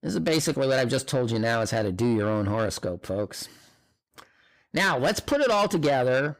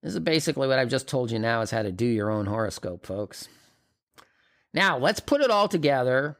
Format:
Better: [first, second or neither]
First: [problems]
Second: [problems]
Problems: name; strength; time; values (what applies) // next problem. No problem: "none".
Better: second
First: distortion; slight; 10 dB below the speech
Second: none